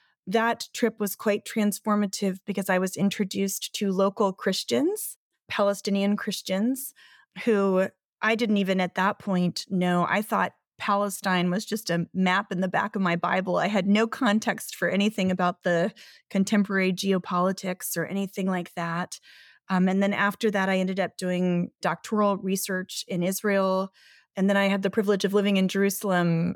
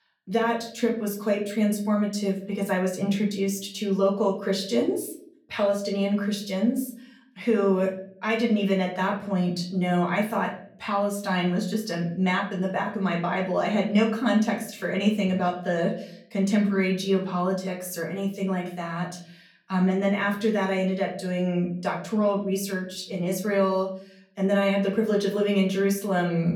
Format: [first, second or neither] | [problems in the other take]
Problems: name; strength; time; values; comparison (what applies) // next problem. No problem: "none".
first | off-mic speech; far // room echo; slight; dies away in 0.5 s